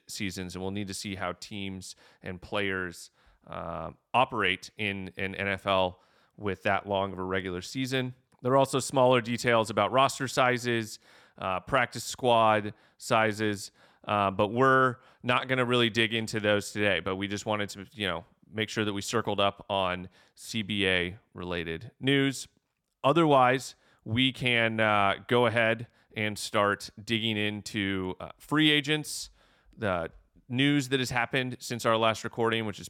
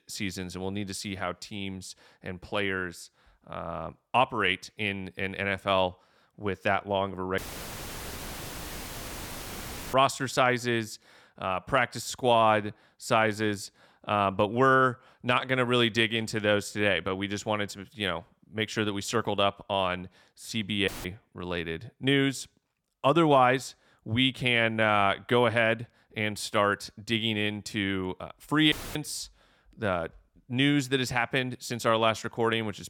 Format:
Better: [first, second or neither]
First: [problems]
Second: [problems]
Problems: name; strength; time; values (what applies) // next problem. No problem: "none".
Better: first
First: none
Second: audio cutting out; filled with static; at 7.5 s for 2.5 s, at 21 s and at 29 s